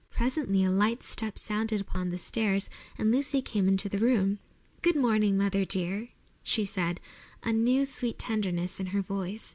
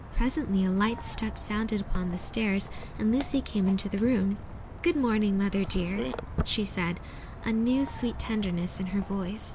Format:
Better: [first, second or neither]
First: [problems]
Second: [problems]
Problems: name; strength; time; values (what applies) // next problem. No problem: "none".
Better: first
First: none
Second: background sound (Walk, footsteps); 10 dB below the speech